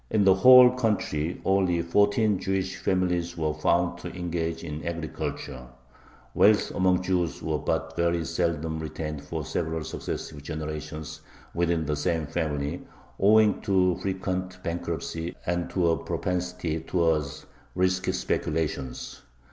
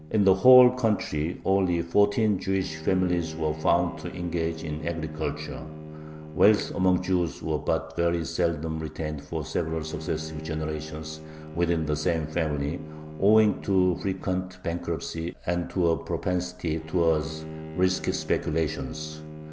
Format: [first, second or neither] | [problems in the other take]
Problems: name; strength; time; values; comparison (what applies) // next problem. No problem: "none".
first | background sound (Bowed string instrument); 14 dB below the speech